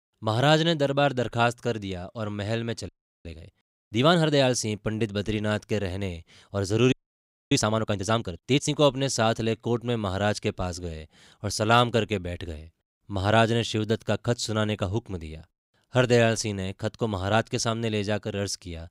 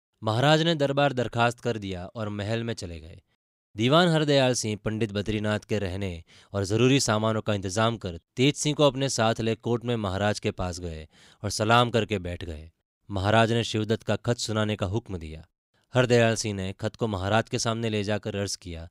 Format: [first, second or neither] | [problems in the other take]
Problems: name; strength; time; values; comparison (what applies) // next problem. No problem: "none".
second | audio freezing; at 3 s and at 7 s for 0.5 s